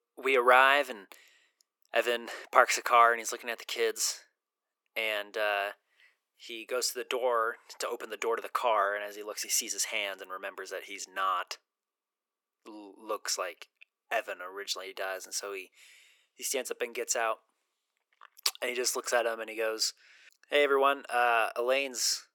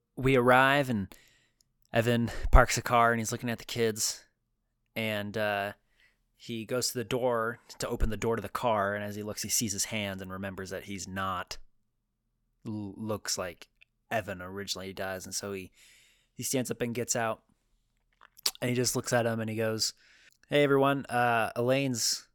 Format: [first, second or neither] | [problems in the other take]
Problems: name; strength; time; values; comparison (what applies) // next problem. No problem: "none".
second | thin; very; fading below 350 Hz